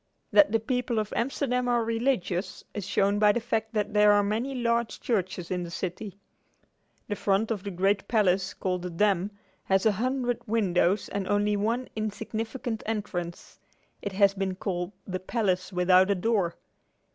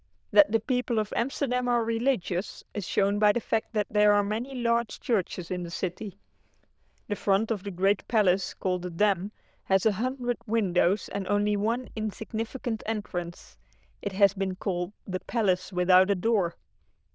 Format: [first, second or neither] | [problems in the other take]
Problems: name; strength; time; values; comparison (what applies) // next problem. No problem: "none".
first | noise reduction (neural diffusion model UNIVERSE++)